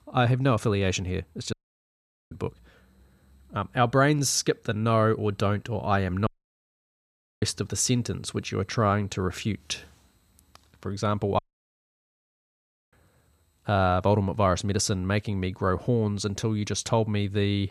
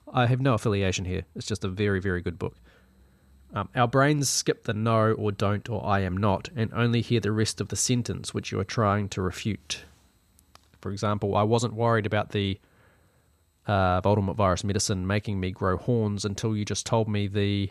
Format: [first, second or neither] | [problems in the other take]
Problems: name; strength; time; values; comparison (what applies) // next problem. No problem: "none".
second | audio cutting out; at 1.5 s for 1 s, at 6.5 s for 1 s and at 11 s for 1.5 s